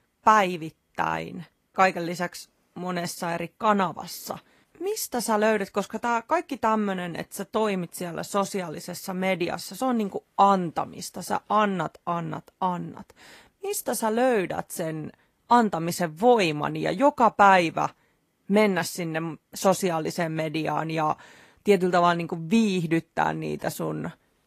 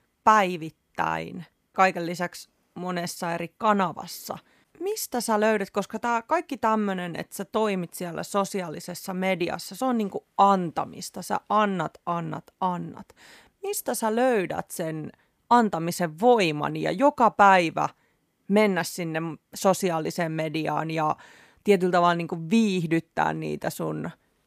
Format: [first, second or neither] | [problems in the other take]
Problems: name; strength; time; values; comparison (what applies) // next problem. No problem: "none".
second | garbled, watery; slightly; nothing above 15 kHz